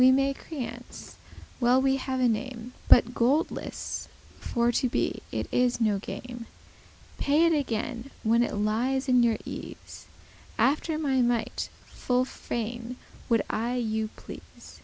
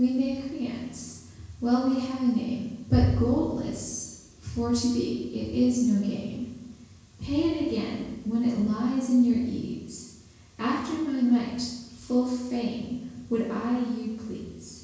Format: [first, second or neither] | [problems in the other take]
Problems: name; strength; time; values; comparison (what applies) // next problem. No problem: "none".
first | room echo; dies away in 1 s